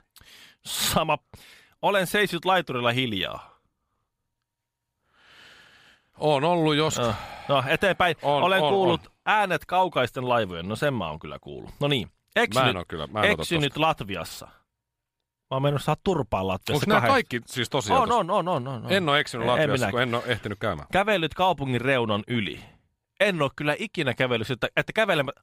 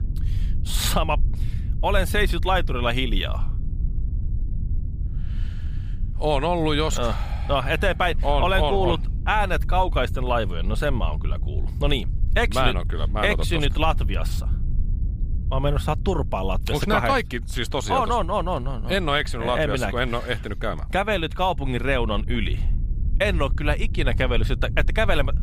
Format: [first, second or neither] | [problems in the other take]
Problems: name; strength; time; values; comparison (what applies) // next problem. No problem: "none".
first | low rumble; faint; throughout; 20 dB below the speech